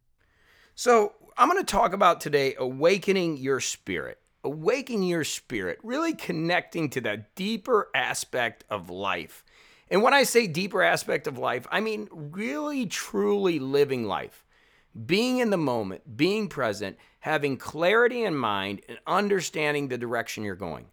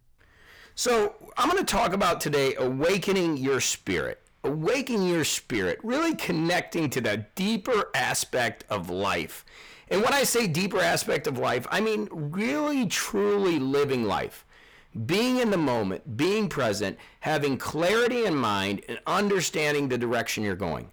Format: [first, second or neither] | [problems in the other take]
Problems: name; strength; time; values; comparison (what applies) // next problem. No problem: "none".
first | distortion; heavy; 6 dB below the speech